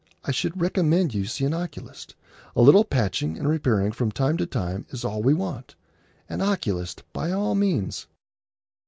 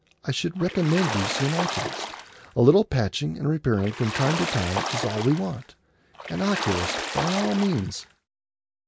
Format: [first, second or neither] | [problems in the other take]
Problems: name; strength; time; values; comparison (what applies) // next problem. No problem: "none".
first | background sound (Water / Splash, splatter); 5 dB below the speech